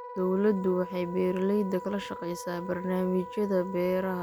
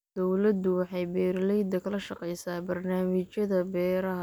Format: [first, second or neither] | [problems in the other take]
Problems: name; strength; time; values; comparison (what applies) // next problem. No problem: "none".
second | background sound (Wind instrument, woodwind instrument); 12 dB below the speech